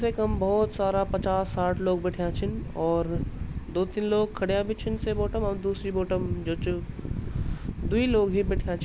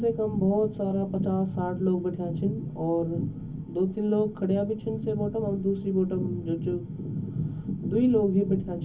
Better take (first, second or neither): first